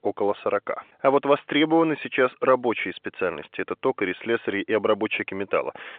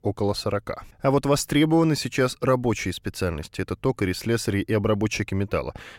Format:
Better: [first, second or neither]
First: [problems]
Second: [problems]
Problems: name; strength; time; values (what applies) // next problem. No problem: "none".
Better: second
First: phone-call audio; nothing above 3.5 kHz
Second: none